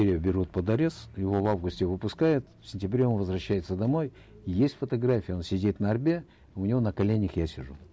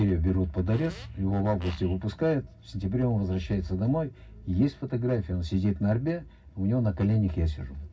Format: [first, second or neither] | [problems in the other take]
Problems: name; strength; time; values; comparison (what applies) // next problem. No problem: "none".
first | background sound (Fart); 19 dB below the speech // room echo; dies away in 0.4 s